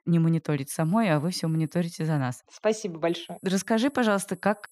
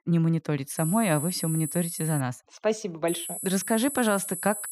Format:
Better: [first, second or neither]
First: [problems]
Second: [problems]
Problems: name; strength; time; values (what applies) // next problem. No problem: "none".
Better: first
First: high-pitched whine; faint; from 1 to 2 s and from 3 s on; 10 kHz, 30 dB below the speech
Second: high-pitched whine; loud; from 1 to 2 s and from 3 s on; 10 kHz, 6 dB below the speech